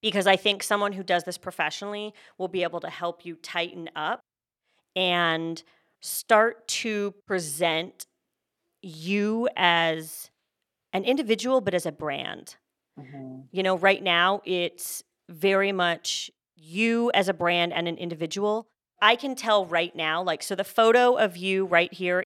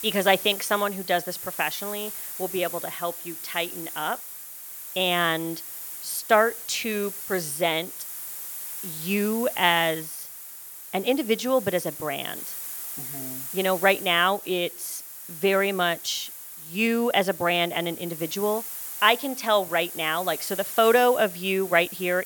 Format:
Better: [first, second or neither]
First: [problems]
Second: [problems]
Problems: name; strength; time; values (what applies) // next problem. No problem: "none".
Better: first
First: none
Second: hiss; loud; throughout; 9 dB below the speech